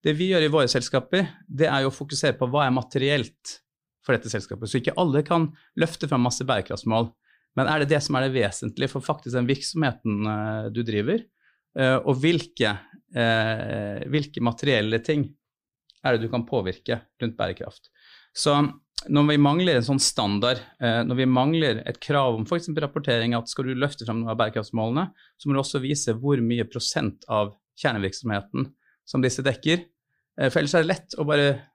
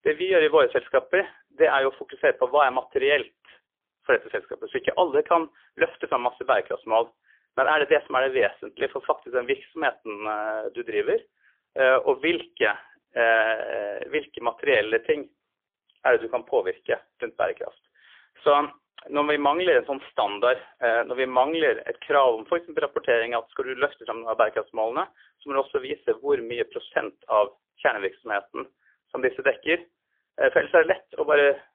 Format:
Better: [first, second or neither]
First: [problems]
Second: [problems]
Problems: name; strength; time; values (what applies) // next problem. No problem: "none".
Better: first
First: none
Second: phone-call audio; poor line; nothing above 3.5 kHz